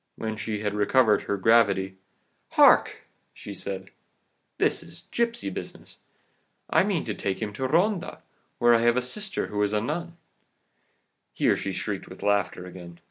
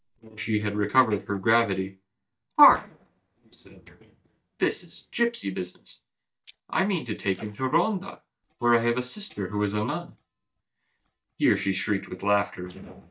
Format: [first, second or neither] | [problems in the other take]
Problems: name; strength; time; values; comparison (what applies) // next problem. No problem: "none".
first | noise reduction (neural mask model DeepFilterNet 3)